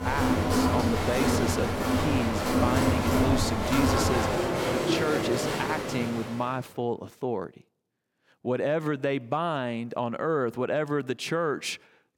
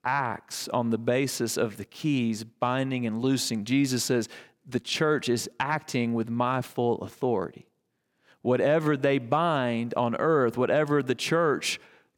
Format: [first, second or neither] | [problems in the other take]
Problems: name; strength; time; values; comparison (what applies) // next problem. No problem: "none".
second | crowd noise; very loud; until 6 s; 4 dB above the speech